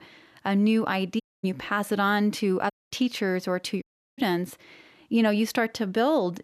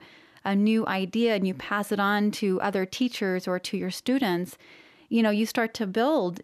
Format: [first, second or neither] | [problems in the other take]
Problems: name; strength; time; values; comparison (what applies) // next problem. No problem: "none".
second | audio cutting out; at 1 s, at 2.5 s and at 4 s